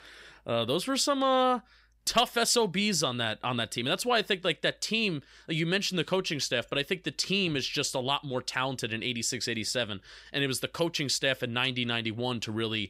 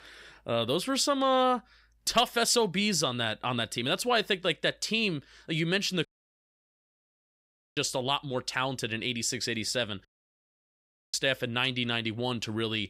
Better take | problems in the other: first | audio cutting out; at 6 s for 1.5 s and at 10 s for 1 s

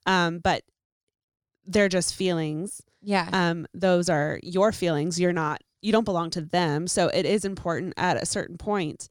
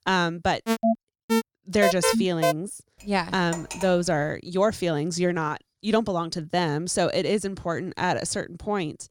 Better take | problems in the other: first | alarm; loud; from 0.5 to 2.5 s; peak 3 dB above the speech // clattering dishes; noticeable; at 3 s; peak 9 dB below the speech

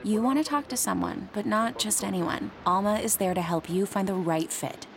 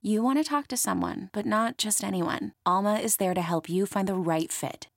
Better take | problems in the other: second | train or aircraft noise; noticeable; throughout; 20 dB below the speech

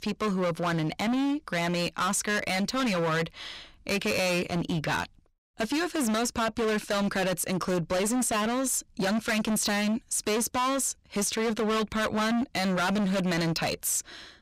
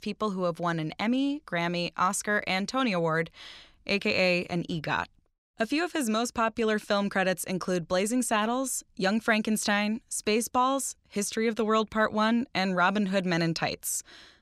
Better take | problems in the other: second | distortion; heavy; 29% of the sound clipped

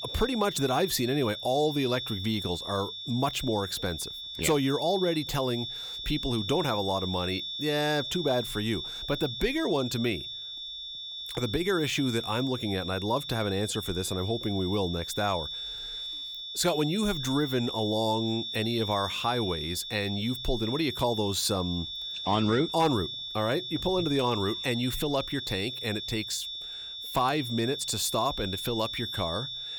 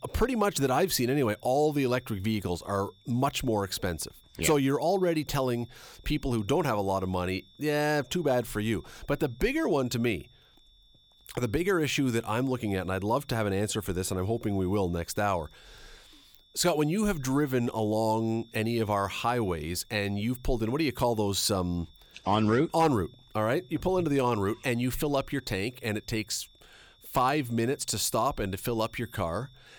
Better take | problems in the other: second | high-pitched whine; loud; throughout; 3.5 kHz, 5 dB below the speech; faint in the second

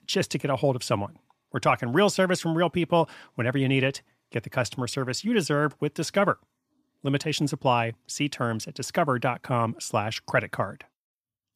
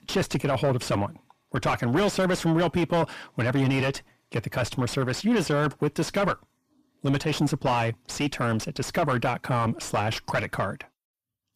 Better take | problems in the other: first | distortion; heavy; 6 dB below the speech

